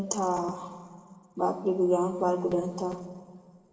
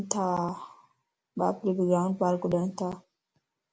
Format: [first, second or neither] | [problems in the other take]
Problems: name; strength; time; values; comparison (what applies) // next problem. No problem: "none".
second | room echo; dies away in 1.7 s